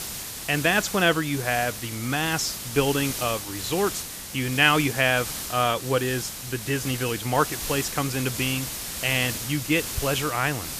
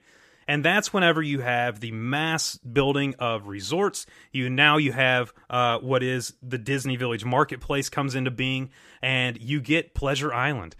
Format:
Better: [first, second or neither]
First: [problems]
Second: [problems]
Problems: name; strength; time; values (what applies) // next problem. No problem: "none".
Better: second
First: hiss; loud; throughout; 6 dB below the speech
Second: none